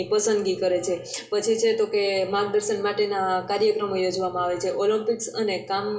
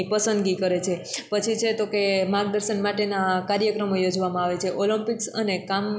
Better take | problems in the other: second | room echo; dies away in 0.2 s

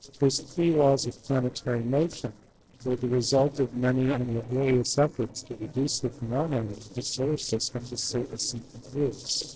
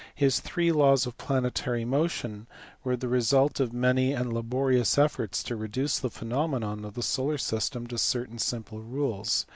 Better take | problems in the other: second | noise reduction (neural separator model SepFormer DNS4)

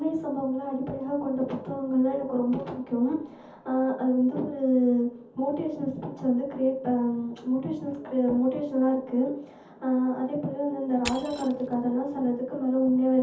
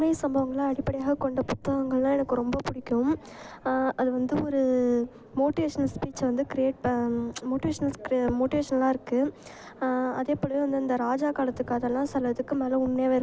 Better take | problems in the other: second | background sound (Crushing); 15 dB below the speech // room echo; dies away in 0.5 s

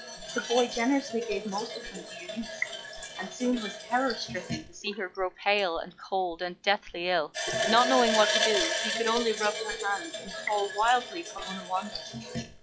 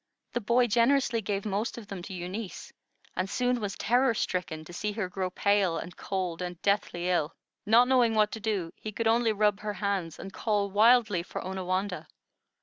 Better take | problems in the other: second | noise reduction (classical method log-MMSE)

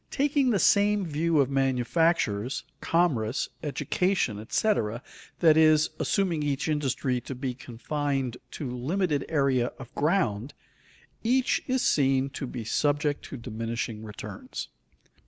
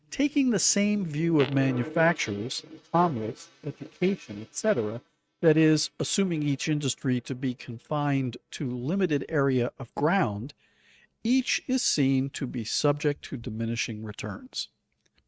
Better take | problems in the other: first | noise reduction (neural mask model RNNoise)

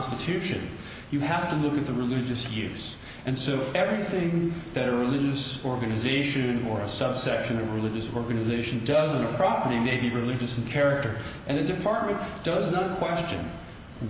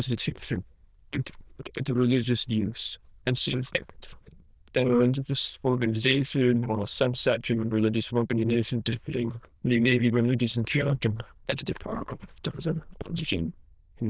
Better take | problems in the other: first | noise reduction (neural diffusion model UNIVERSE++)

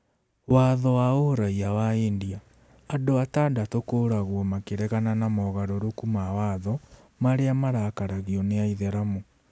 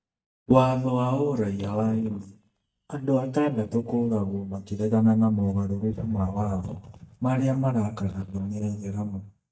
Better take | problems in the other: first | noise reduction (neural mask model DeepFilterNet 3)

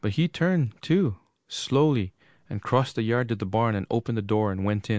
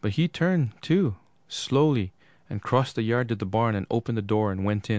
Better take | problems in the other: second | noise reduction (neural mask model Resemble Enhance denoiser)

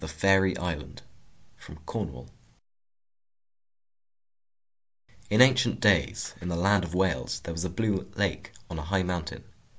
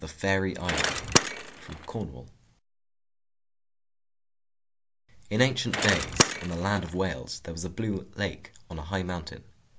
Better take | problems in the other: first | background sound (Bicycle); 2 dB above the speech

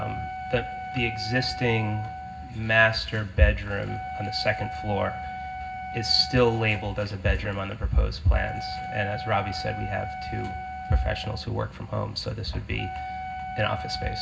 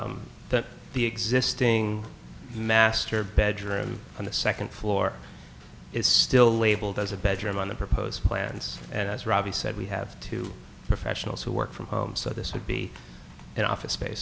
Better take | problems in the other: second | background sound (Wind instrument, woodwind instrument); 10 dB below the speech // room echo; dies away in 0.4 s

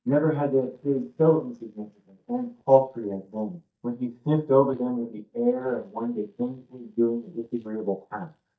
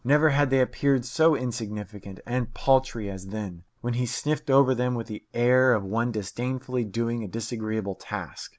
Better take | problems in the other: second | noise reduction (neural mask model DeepFilterNet 3)

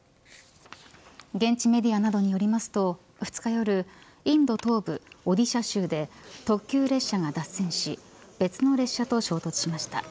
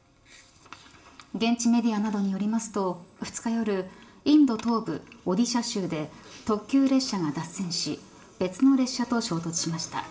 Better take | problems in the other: first | room echo; dies away in 0.4 s

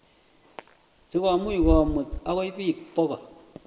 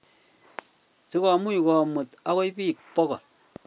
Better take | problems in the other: second | background sound (Wind / Bird); 7 dB below the speech // room echo; dies away in 1.2 s

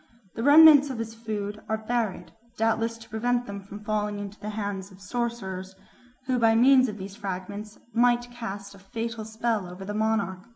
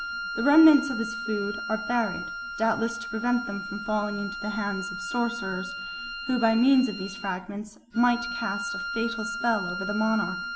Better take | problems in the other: first | background sound (Wind instrument, woodwind instrument); 8 dB below the speech

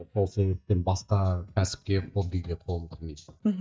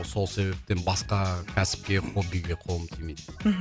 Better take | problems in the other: second | noise reduction (neural mask model DeepFilterNet 3)

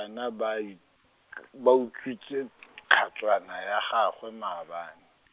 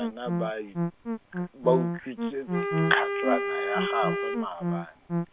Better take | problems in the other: first | background sound (Musical instrument + Wind instrument, woodwind instrument); 2 dB above the speech

